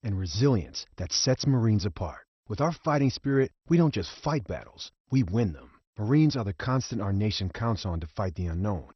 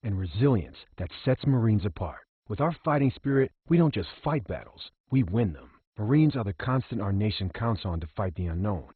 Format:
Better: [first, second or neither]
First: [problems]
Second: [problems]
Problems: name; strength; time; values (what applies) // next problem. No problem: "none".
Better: first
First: garbled, watery; slightly; nothing above 6 kHz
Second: garbled, watery; badly; nothing above 4 kHz